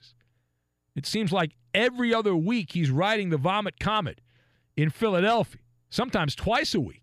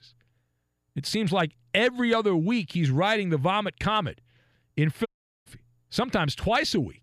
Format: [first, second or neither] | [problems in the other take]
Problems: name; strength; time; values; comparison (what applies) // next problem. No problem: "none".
first | audio cutting out; at 5 s